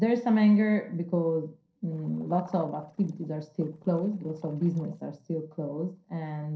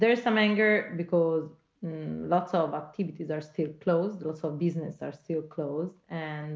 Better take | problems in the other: second | noise reduction (neural separator model SepFormer DNS4)

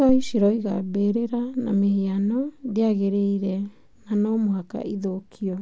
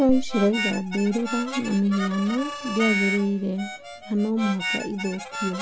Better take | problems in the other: first | background sound (Harmonica); 8 dB below the speech

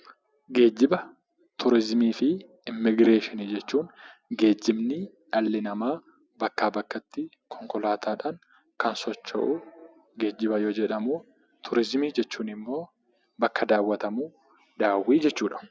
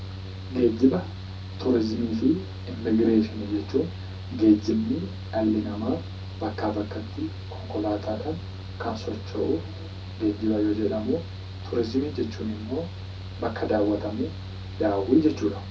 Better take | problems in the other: first | background sound (Mechanical fan); 9 dB below the speech // room echo; dies away in 0.3 s

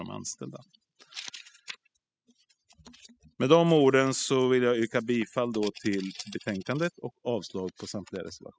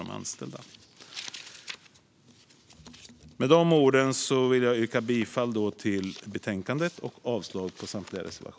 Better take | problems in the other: second | noise reduction (classical method spectral subtraction)

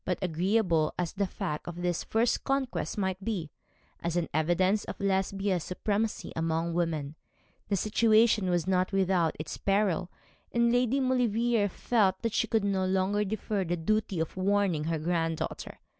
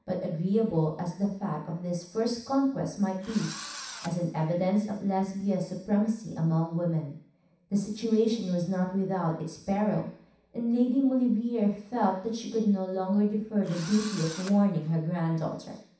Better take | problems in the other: first | background sound (Engine / Drill); 14 dB below the speech // room echo; dies away in 0.7 s

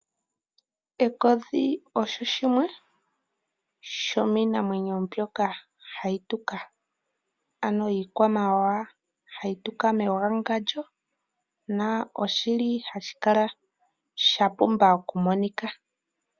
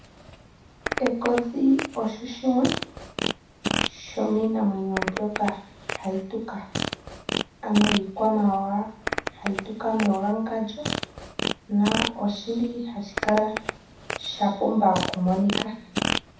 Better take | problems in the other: first | background sound (Fart); 6 dB below the speech // room echo; dies away in 0.7 s

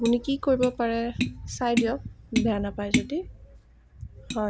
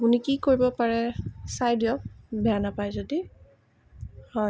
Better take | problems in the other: second | background sound (Tap); 5 dB below the speech

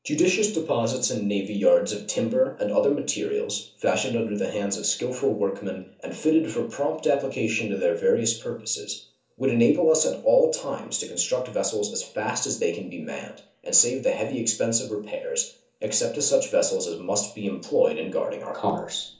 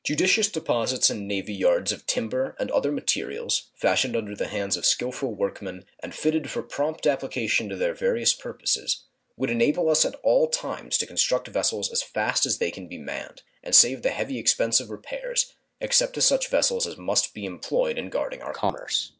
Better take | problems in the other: second | room echo; dies away in 0.8 s

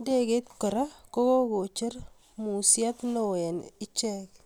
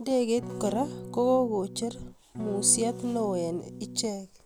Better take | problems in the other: first | background sound (Electric guitar / Strum); 10 dB below the speech

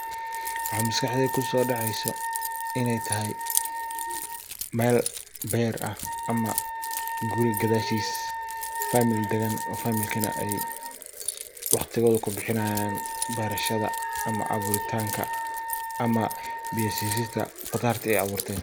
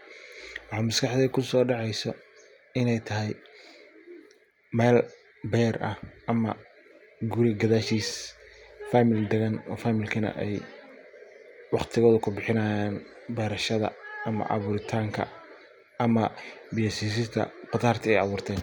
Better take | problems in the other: second | background sound (Keys jangling + Wind instrument, woodwind instrument); 3 dB below the speech

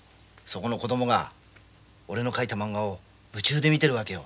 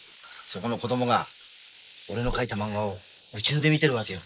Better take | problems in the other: first | noise reduction (neural mask model Resemble Enhance denoiser)

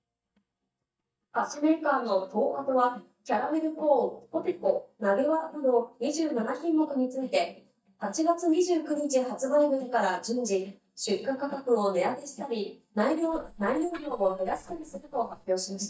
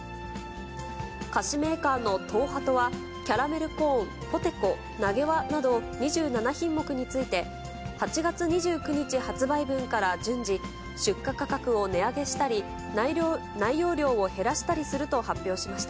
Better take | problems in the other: second | noise reduction (neural mask model DeepFilterNet 3)

